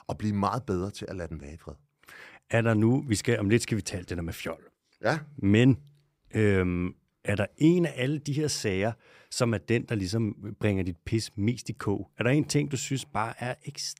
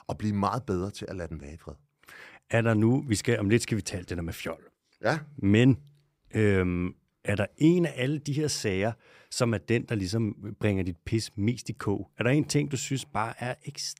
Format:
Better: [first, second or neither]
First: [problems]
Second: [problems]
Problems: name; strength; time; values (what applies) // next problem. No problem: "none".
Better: neither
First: none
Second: none